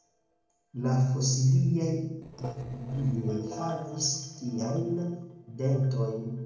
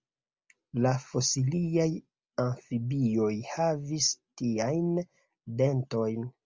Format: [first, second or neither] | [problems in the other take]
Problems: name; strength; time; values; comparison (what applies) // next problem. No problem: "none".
second | noise reduction (neural separator model SepFormer DNS4)